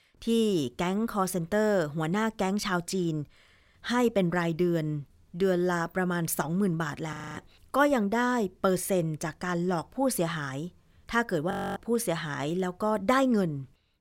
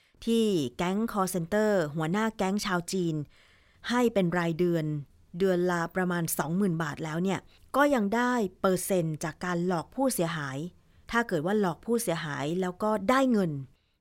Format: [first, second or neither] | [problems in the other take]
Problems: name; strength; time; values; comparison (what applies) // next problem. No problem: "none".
second | audio freezing; at 7 s and at 12 s